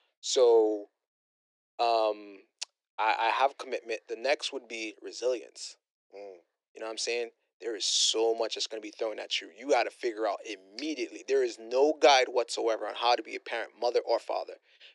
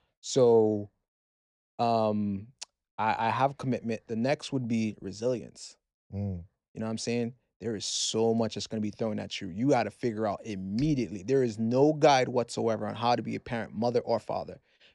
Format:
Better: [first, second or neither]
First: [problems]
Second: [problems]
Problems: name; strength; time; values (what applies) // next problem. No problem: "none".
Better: second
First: thin; very; fading below 350 Hz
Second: none